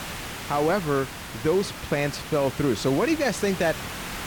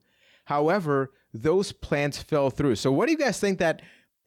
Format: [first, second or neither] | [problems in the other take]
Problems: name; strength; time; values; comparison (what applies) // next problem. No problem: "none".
second | hiss; loud; throughout; 9 dB below the speech